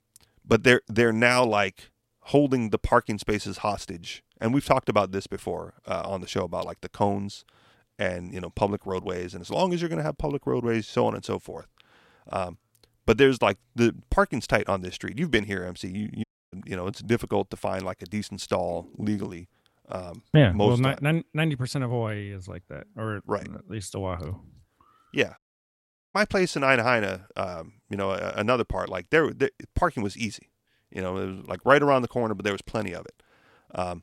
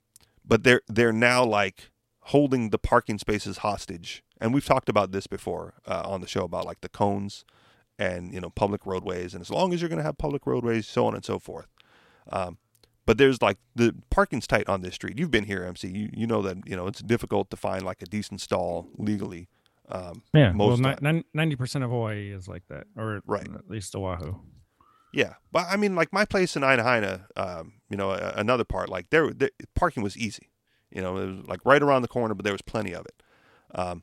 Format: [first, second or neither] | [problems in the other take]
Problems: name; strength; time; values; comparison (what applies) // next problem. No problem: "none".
second | audio cutting out; at 16 s and at 25 s for 1 s